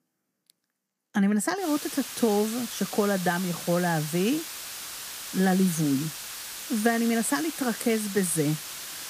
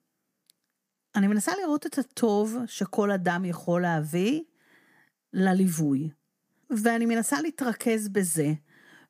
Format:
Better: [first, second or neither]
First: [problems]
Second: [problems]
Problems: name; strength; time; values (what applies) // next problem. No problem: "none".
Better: second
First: hiss; loud; from 1.5 s on; 8 dB below the speech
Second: none